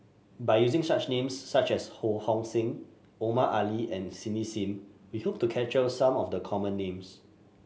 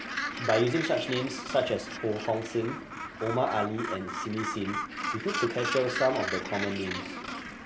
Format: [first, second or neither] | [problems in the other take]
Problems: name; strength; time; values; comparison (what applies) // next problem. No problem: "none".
first | background sound (Gull, seagull); 5 dB below the speech